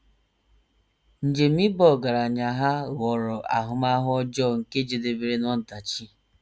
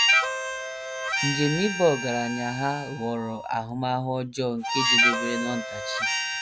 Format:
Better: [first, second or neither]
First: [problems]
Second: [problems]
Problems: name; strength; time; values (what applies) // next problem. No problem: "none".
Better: first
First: none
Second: background sound (Harmonica); 1 dB above the speech